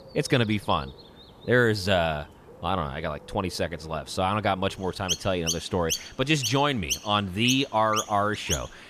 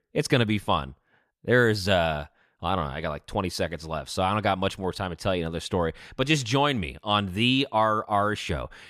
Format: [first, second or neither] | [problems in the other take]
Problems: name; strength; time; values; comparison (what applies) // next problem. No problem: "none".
second | animal sounds; loud; throughout; 5 dB below the speech